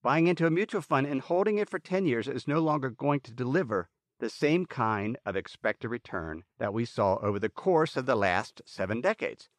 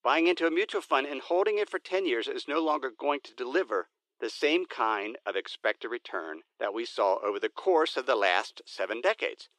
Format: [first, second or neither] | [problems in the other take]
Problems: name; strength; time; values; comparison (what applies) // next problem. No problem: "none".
first | thin; very; fading below 350 Hz